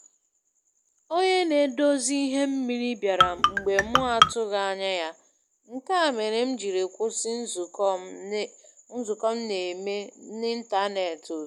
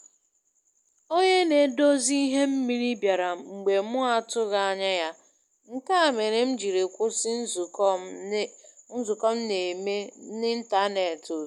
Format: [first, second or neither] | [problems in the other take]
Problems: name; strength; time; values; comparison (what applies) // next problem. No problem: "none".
second | background sound (Marimba, xylophone); 5 dB above the speech